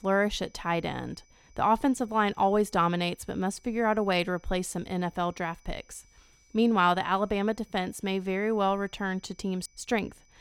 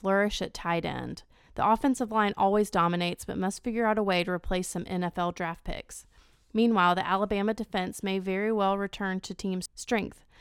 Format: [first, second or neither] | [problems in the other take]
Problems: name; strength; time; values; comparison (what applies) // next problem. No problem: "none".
second | high-pitched whine; faint; throughout; 6 kHz, 35 dB below the speech